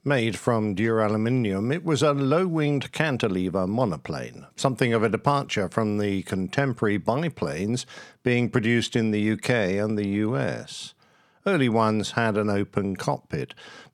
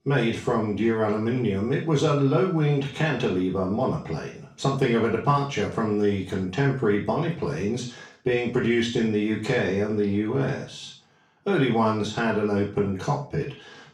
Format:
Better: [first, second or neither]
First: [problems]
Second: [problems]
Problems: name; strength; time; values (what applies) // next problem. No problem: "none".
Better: first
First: none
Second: room echo; noticeable; dies away in 0.4 s // off-mic speech; far